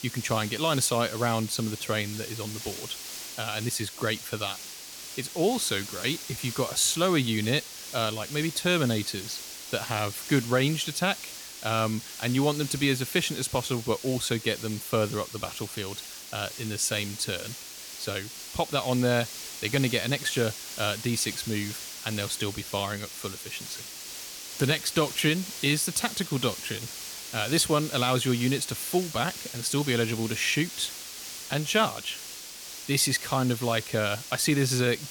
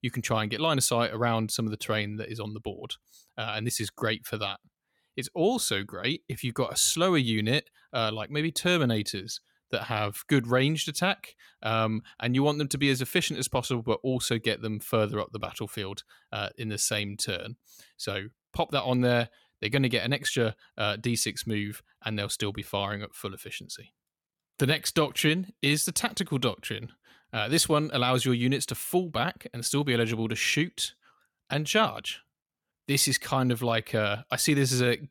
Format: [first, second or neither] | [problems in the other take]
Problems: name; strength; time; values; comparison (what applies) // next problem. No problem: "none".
second | hiss; loud; throughout; 9 dB below the speech